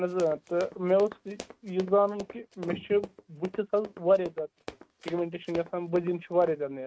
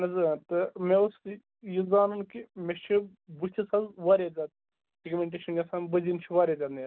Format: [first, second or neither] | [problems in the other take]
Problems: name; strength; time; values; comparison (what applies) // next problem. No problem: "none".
second | noise reduction (neural mask model RNNoise)